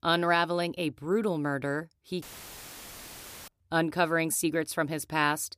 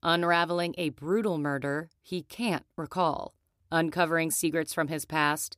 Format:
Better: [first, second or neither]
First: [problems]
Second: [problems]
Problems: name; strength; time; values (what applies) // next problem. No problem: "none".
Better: second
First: audio cutting out; filled with static; at 2 s for 1.5 s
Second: none